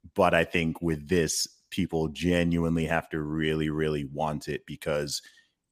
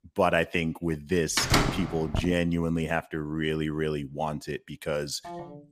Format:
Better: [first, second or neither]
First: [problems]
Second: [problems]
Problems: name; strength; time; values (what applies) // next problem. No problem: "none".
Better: first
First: none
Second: door banging; loud; at 1.5 s; peak 5 dB above the speech // phone ringing; faint; at 5 s; peak 10 dB below the speech